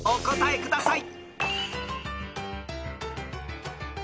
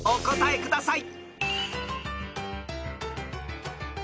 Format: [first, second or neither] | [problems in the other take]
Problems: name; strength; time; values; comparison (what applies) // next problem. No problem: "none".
second | background sound (Cutlery, silverware); 5 dB below the speech